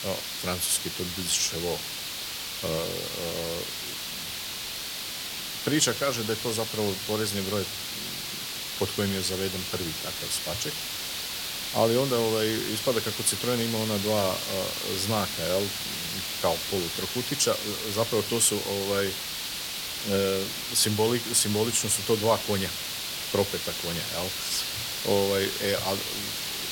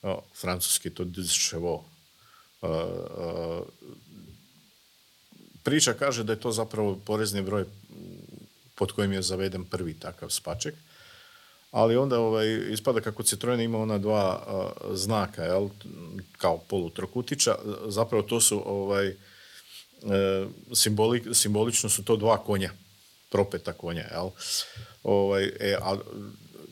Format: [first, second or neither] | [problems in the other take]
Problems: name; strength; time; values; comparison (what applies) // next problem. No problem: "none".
second | hiss; loud; throughout; 3 dB below the speech; faint in the second